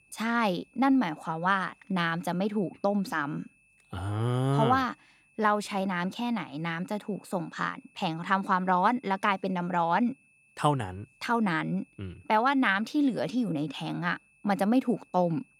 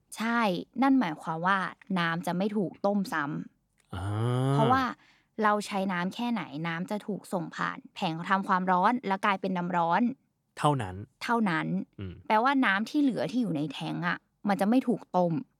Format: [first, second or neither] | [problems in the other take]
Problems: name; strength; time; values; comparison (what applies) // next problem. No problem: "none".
second | high-pitched whine; faint; throughout; 2.5 kHz, 35 dB below the speech